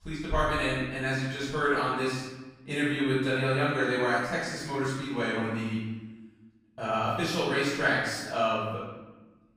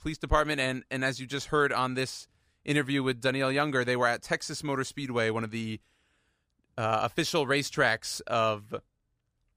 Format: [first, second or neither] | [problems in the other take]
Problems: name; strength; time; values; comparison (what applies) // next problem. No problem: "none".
second | room echo; strong; dies away in 1.1 s // off-mic speech; far